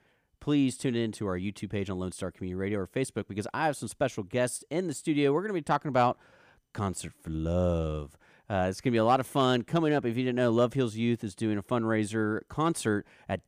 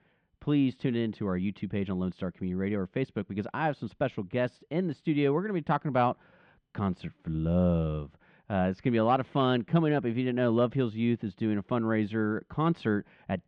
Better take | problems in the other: first | muffled; slightly; fading above 3.5 kHz

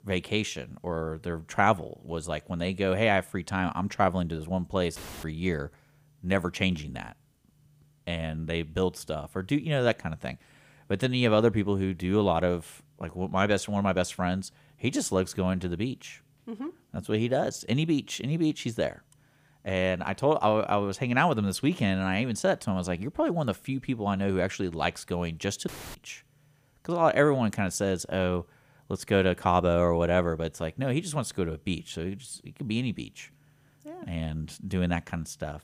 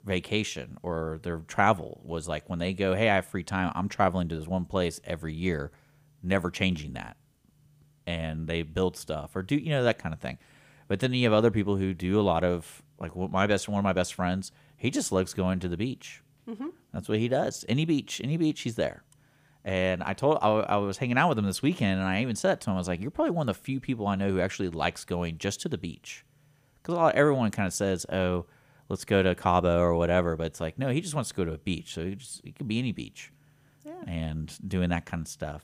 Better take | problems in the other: second | audio cutting out; filled with static; at 5 s and at 26 s

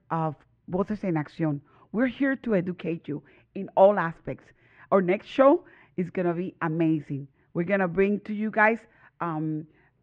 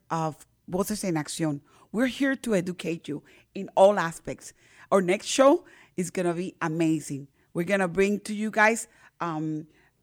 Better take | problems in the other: second | muffled; very; fading above 2.5 kHz

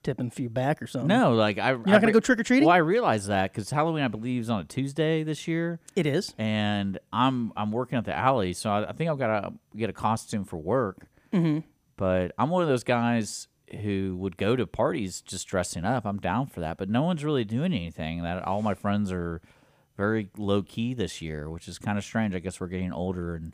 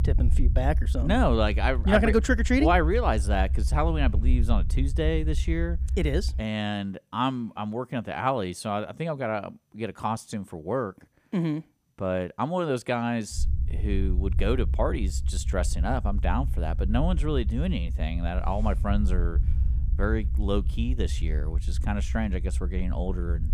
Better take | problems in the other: first | low rumble; noticeable; until 6.5 s and from 13 s on; 20 dB below the speech

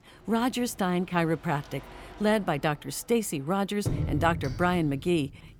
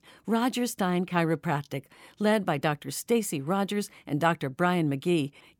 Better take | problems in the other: second | traffic noise; loud; throughout; 9 dB below the speech

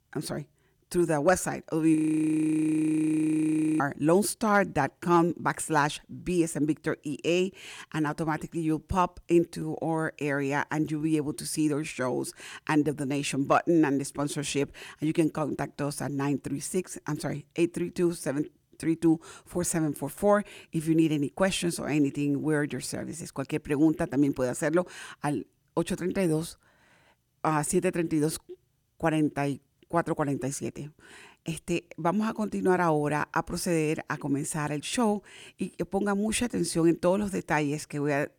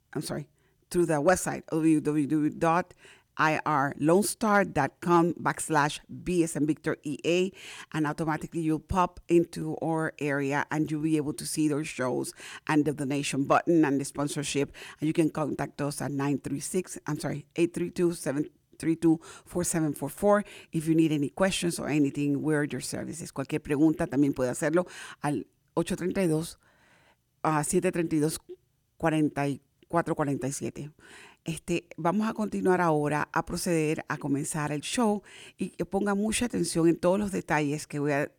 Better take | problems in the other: second | audio freezing; at 2 s for 2 s

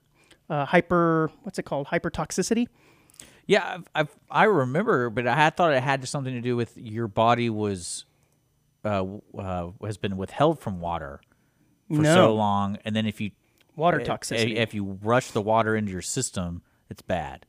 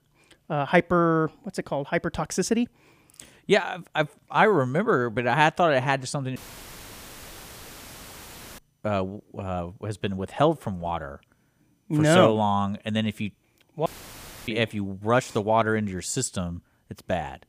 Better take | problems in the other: first | audio cutting out; filled with static; at 6.5 s for 2 s and at 14 s for 0.5 s

